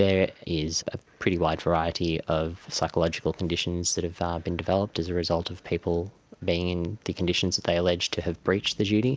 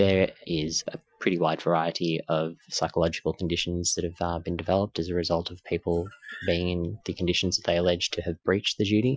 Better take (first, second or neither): first